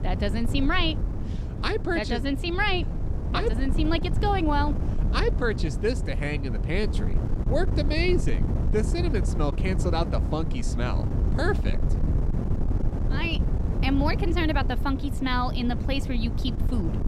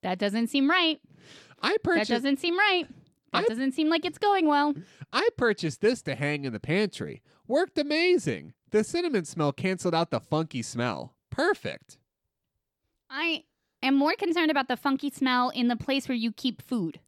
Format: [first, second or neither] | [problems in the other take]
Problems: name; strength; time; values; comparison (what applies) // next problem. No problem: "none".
second | wind noise on the microphone; occasional gusts; 10 dB below the speech